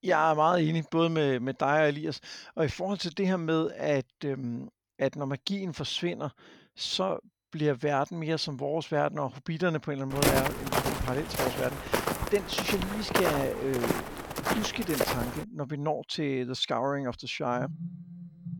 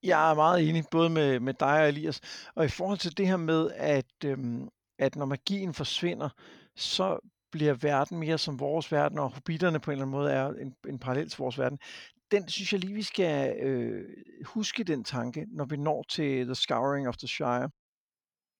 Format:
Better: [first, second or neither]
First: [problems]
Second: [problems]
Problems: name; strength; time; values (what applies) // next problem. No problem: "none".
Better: second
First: footsteps; loud; from 10 to 15 s; peak 4 dB above the speech // phone ringing; noticeable; from 18 s on; peak 8 dB below the speech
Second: none